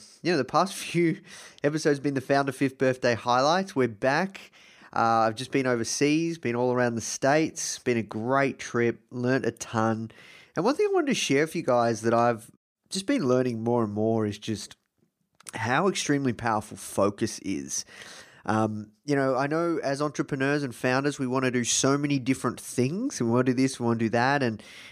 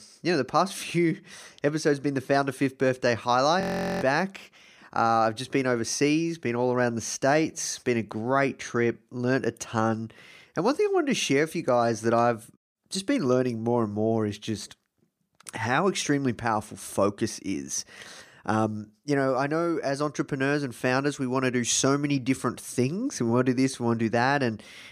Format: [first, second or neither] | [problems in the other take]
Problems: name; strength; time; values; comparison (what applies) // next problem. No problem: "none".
first | audio freezing; at 3.5 s